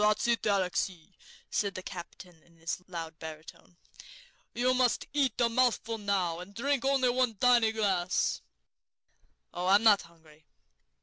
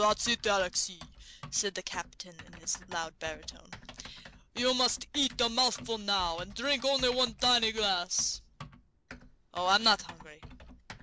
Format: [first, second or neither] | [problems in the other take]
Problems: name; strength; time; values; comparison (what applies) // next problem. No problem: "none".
first | background sound (Typing); 17 dB below the speech